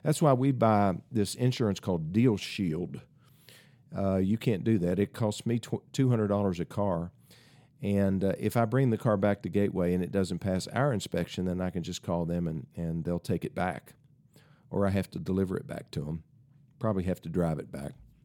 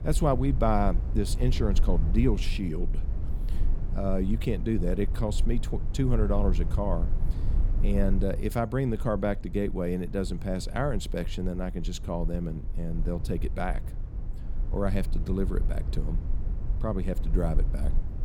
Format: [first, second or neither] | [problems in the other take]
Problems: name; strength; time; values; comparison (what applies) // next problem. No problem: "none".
first | low rumble; noticeable; throughout; 15 dB below the speech